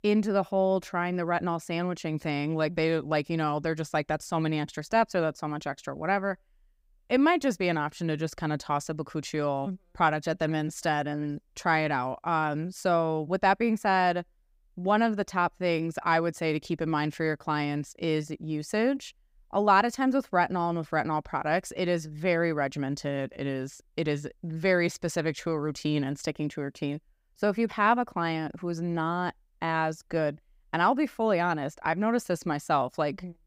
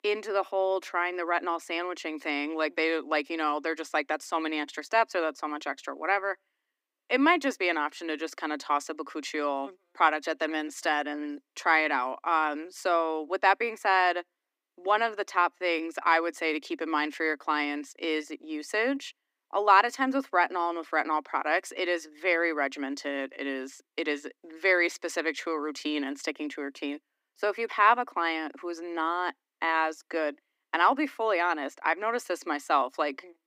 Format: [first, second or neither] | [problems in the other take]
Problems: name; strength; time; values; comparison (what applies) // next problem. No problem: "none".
first | thin; somewhat; fading below 250 Hz